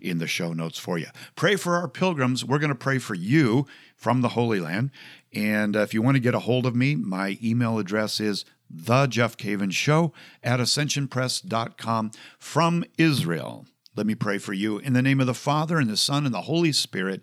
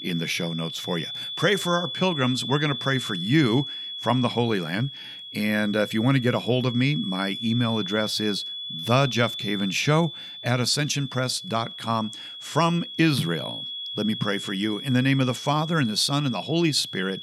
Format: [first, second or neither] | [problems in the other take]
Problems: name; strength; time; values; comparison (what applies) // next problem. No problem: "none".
first | high-pitched whine; loud; throughout; 3.5 kHz, 8 dB below the speech